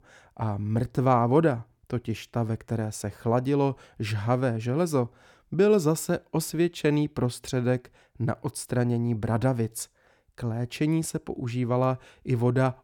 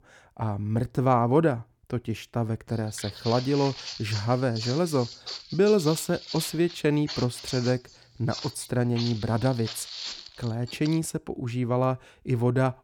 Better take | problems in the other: first | footsteps; noticeable; from 2.5 to 11 s; peak 7 dB below the speech

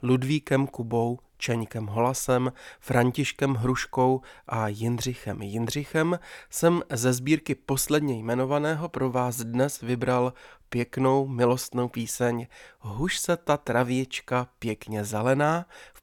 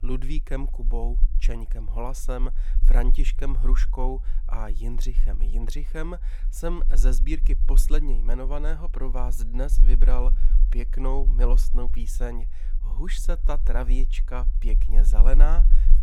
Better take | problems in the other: first | low rumble; noticeable; throughout; 15 dB below the speech

